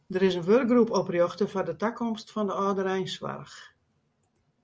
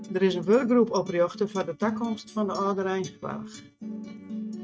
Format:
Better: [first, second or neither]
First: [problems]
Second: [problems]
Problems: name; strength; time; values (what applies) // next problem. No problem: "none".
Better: first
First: none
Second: noise reduction (neural mask model RNNoise)